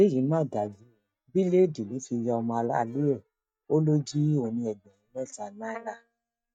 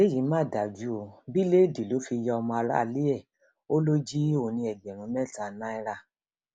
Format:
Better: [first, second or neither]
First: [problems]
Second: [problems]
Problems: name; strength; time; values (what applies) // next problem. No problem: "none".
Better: second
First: noise reduction (neural mask model DeepFilterNet 3)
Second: none